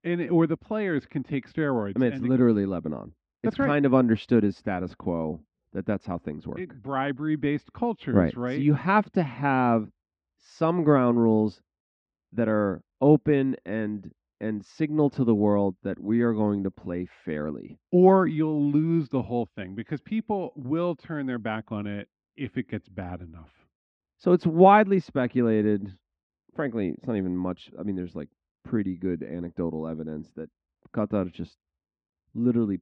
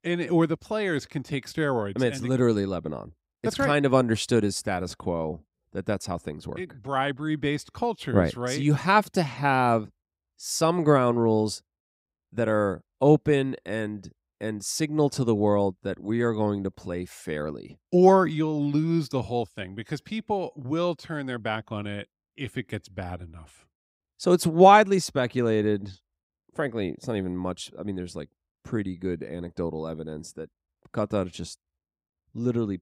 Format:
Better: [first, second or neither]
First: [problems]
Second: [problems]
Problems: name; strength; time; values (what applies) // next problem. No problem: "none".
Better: second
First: muffled; very; fading above 2.5 kHz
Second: none